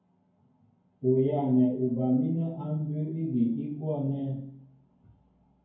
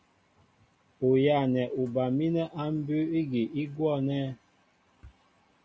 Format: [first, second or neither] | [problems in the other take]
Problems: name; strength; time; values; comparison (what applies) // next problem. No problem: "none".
second | room echo; dies away in 0.9 s